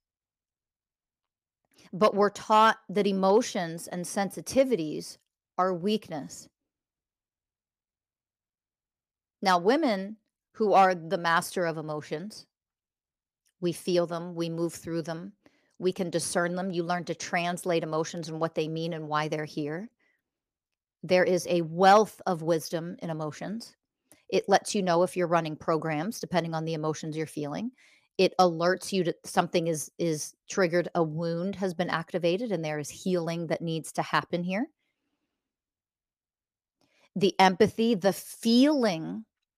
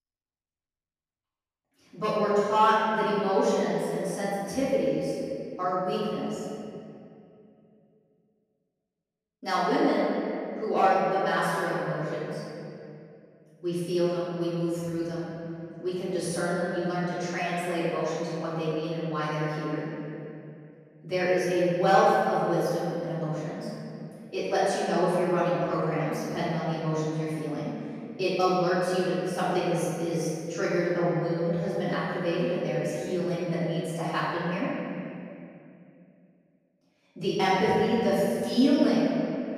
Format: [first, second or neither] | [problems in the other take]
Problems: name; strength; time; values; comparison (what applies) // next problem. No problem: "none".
first | off-mic speech; far // room echo; strong; dies away in 2.6 s